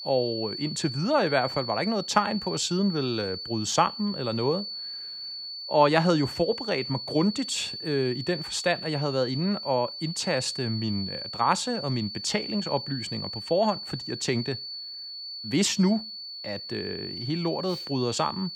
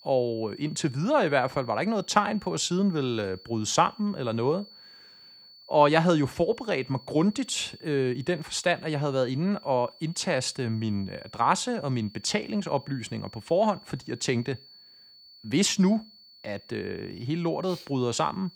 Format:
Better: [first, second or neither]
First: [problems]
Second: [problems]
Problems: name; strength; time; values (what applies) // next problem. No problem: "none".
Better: second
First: high-pitched whine; loud; throughout; 4.5 kHz, 7 dB below the speech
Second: high-pitched whine; faint; throughout; 4.5 kHz, 20 dB below the speech